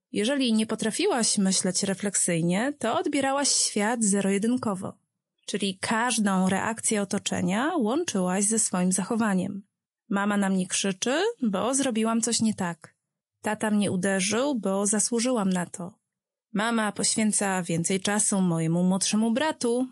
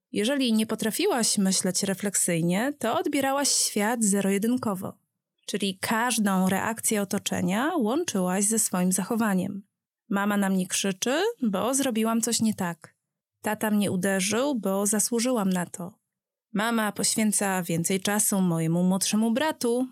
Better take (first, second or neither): second